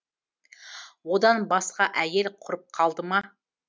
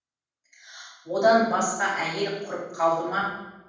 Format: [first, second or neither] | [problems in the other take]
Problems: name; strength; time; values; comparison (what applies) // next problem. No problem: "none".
first | room echo; dies away in 1.2 s